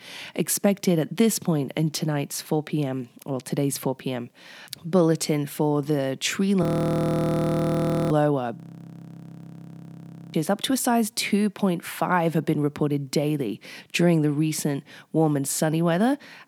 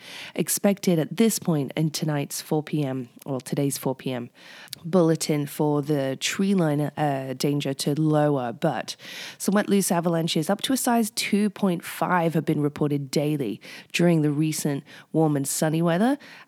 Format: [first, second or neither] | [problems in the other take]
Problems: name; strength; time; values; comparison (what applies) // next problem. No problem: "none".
second | audio freezing; at 6.5 s for 1.5 s and at 8.5 s for 2 s